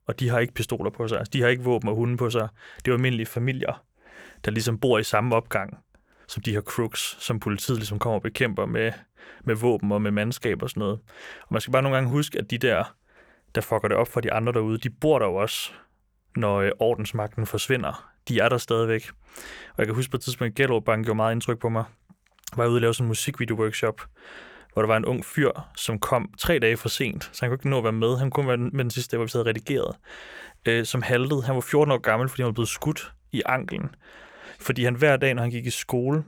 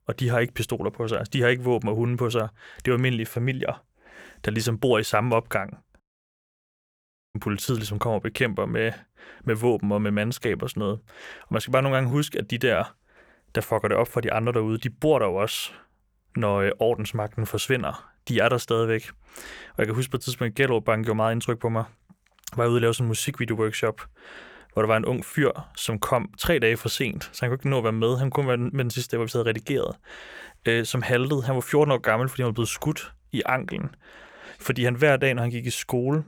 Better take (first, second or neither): first